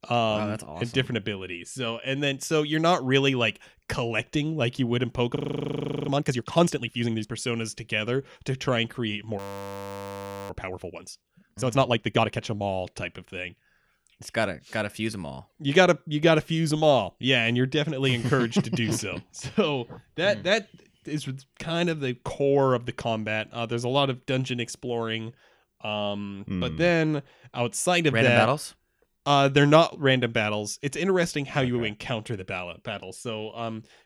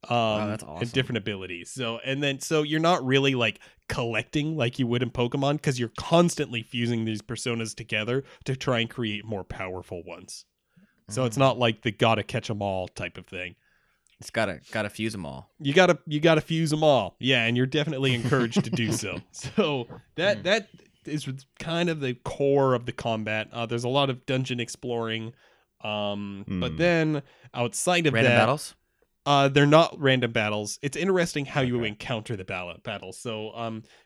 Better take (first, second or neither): second